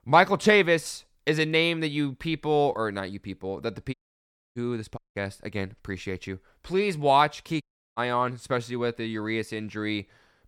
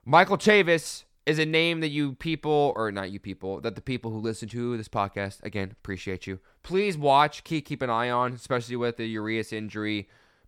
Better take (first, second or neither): second